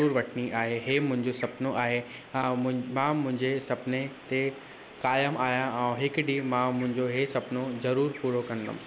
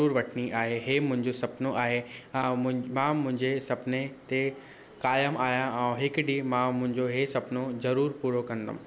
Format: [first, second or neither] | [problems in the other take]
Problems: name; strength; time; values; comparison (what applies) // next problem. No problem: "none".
second | background sound (Bird vocalization, bird call, bird song); 19 dB below the speech